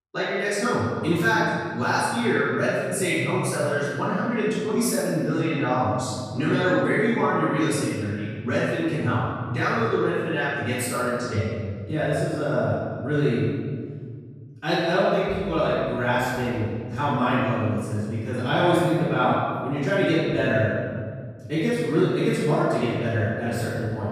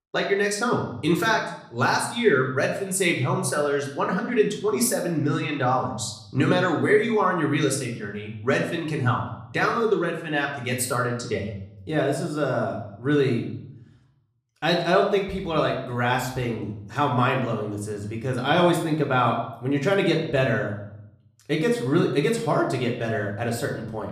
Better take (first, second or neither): second